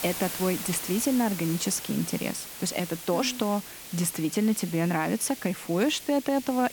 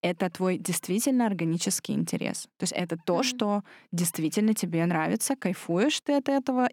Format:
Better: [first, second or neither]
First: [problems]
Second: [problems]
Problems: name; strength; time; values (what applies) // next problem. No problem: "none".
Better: second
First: hiss; loud; throughout; 9 dB below the speech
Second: none